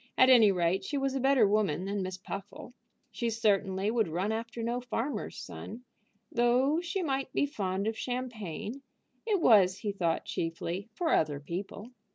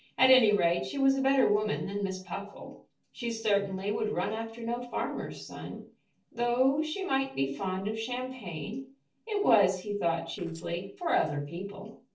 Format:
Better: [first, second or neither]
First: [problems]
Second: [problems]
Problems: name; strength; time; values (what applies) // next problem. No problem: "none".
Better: first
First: none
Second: noise reduction (neural separator model SepFormer DNS4)